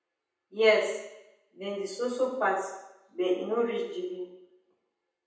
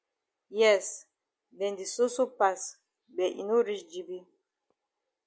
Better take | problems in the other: second | room echo; dies away in 0.9 s

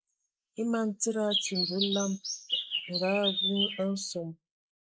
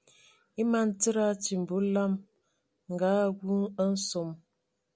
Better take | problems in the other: second | noise reduction (neural mask model Resemble Enhance denoiser)

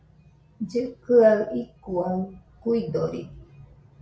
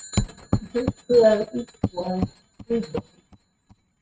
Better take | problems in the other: first | noise reduction (neural mask model RNNoise)

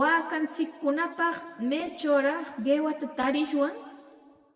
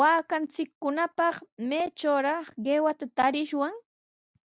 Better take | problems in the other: second | room echo; dies away in 1.4 s

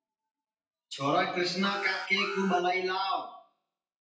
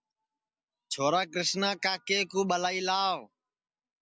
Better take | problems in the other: second | noise reduction (classical method WPE with log-MMSE)

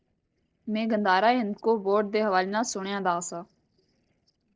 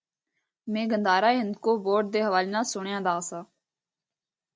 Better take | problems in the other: second | noise reduction (neural separator model SepFormer DNS4)

